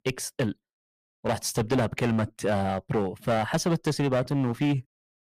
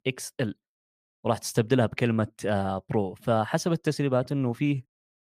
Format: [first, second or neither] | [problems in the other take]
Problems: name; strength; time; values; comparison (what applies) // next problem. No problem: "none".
second | distortion; heavy; 9% of the sound clipped